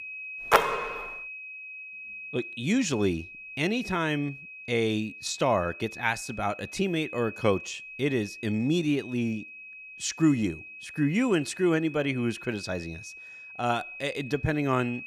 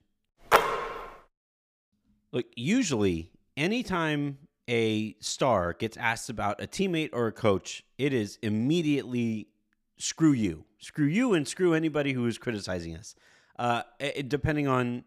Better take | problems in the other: second | high-pitched whine; noticeable; throughout; 2.5 kHz, 10 dB below the speech

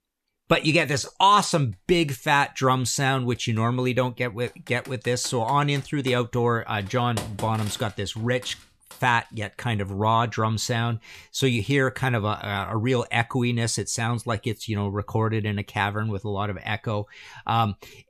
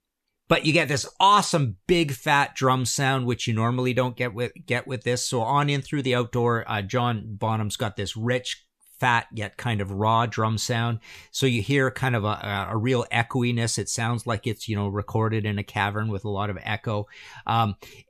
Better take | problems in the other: second | keyboard typing; noticeable; from 4.5 to 9 s; peak 9 dB below the speech

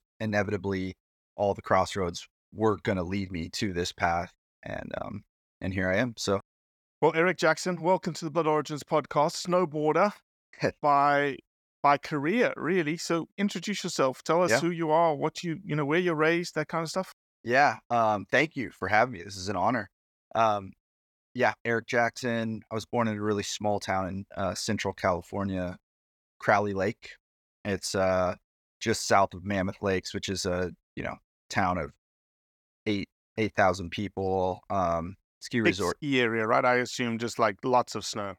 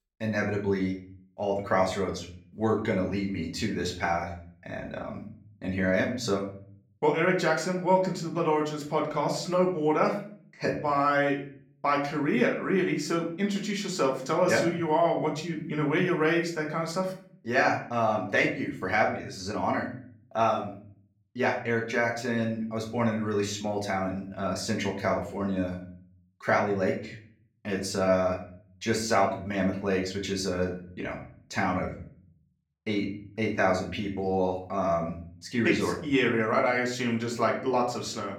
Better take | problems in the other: first | room echo; slight; dies away in 0.5 s // off-mic speech; far

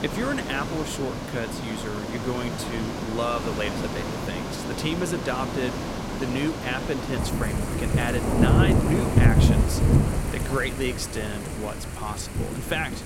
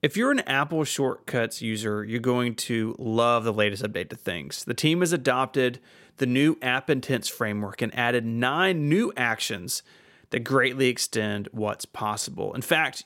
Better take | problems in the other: second | rain or running water; very loud; throughout; 4 dB above the speech

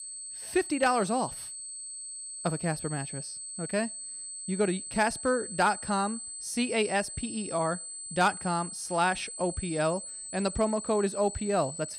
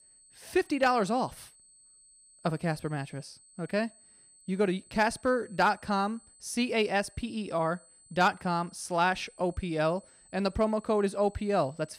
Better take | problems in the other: second | high-pitched whine; loud; throughout; 8 kHz, 8 dB below the speech; faint in the second

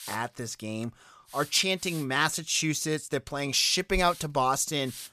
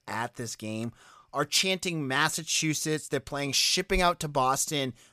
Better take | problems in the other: second | hiss; noticeable; throughout; 20 dB below the speech

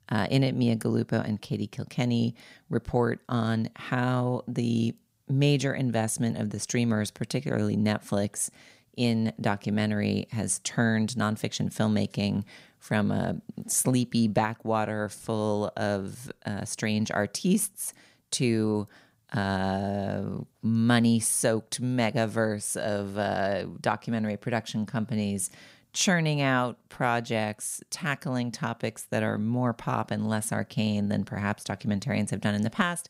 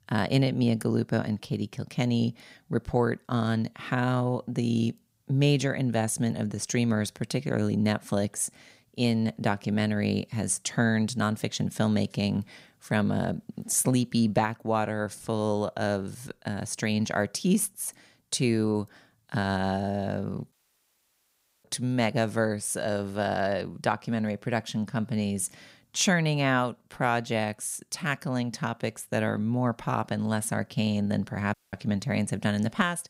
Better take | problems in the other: first | audio cutting out; at 21 s for 1 s and at 32 s

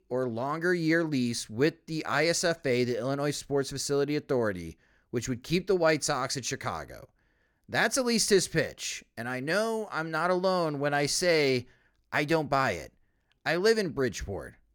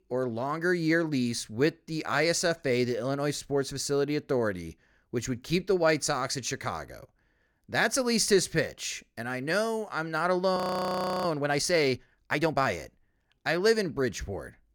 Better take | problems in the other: first | audio freezing; at 11 s for 0.5 s

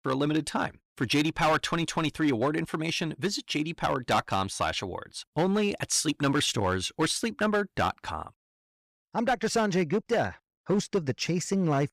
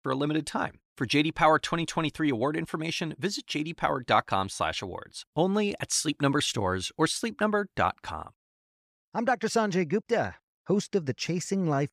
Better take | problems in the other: second | distortion; slight; 5% of the sound clipped

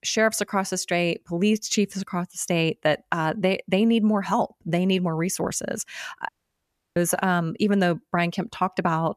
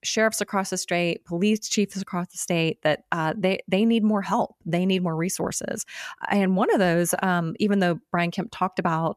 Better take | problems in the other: second | audio cutting out; at 6.5 s for 0.5 s

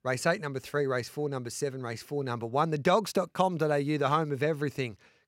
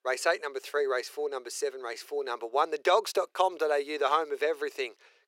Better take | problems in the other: first | thin; very; fading below 400 Hz

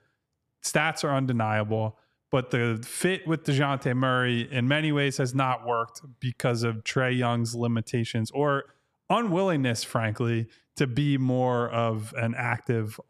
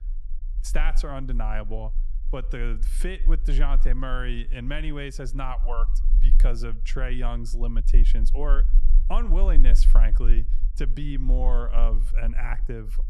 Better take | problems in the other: first | low rumble; noticeable; throughout; 15 dB below the speech

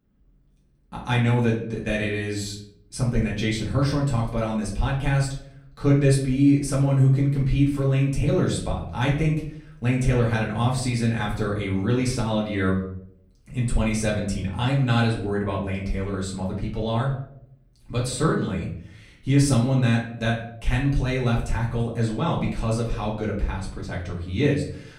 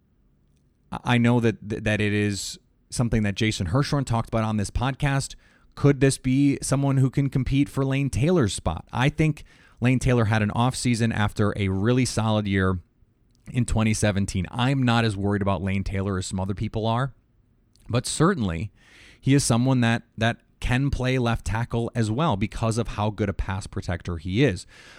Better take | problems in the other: second | room echo; slight; dies away in 0.5 s // off-mic speech; far

